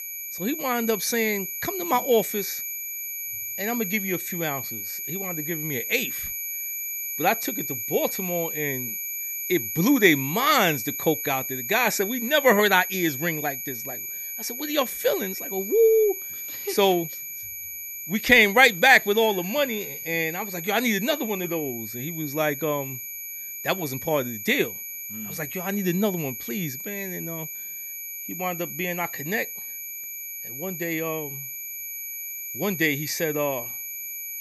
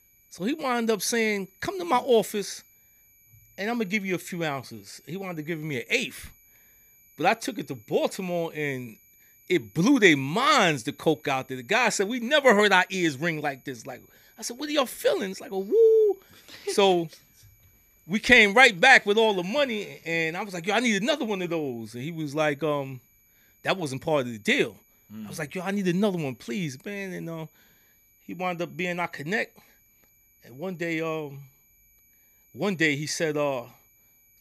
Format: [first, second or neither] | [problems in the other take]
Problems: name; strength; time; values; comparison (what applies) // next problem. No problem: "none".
second | high-pitched whine; loud; throughout; 12 kHz, 6 dB below the speech; faint in the second